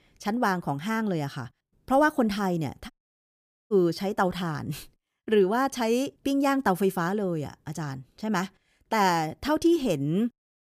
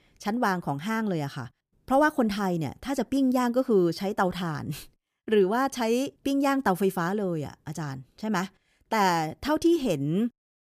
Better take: second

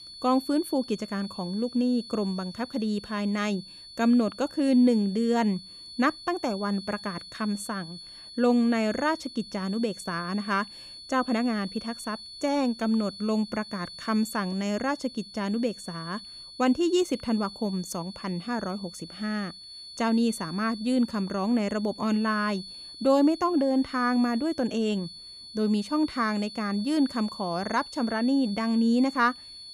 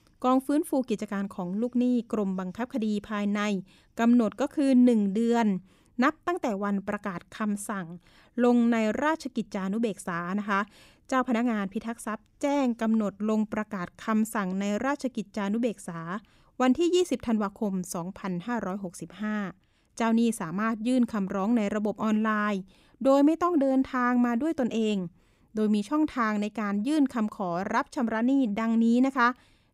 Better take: second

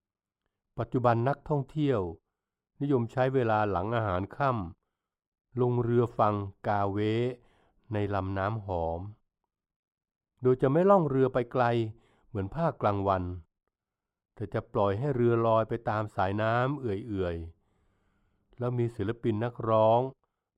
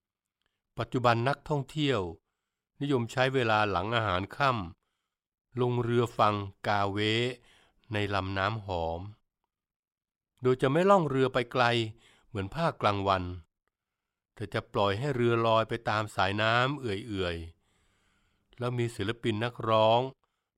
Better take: second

